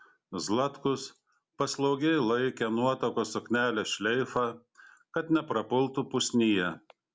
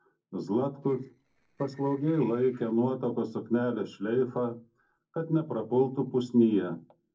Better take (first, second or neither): first